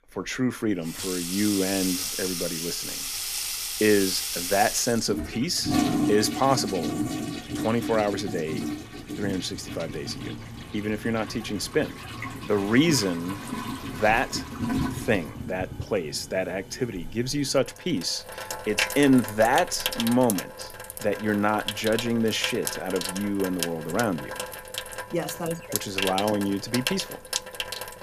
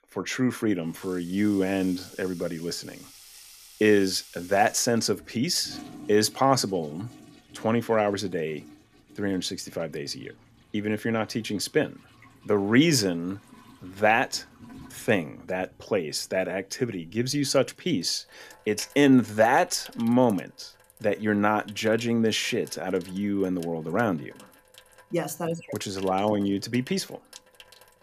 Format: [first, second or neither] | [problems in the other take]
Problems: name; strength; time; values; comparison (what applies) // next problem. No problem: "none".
second | household noises; loud; throughout; 5 dB below the speech; faint in the second